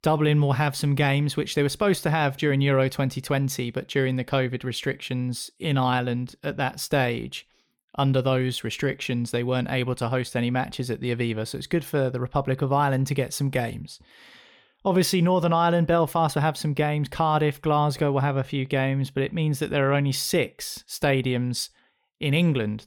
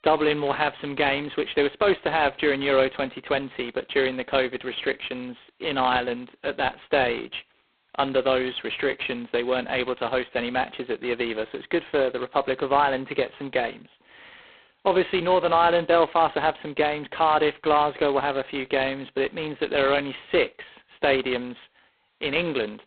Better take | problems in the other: first | phone-call audio; poor line; nothing above 4 kHz

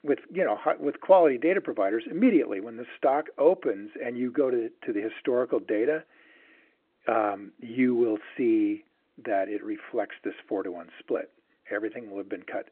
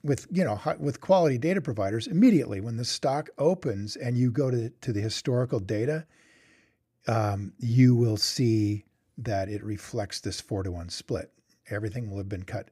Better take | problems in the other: second | phone-call audio

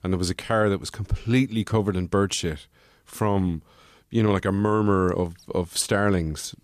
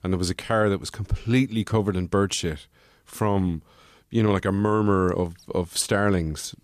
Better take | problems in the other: neither | none

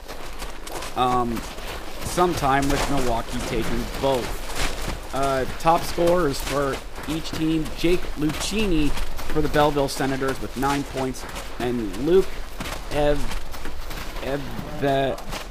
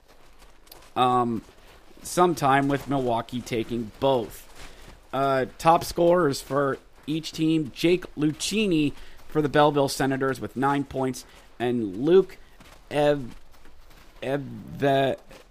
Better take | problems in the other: second | animal sounds; loud; throughout; 8 dB below the speech; faint in the second

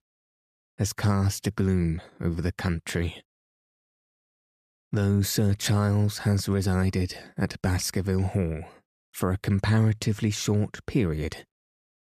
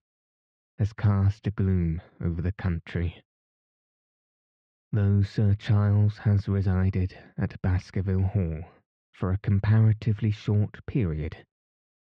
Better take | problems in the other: first | muffled; slightly; fading above 3 kHz

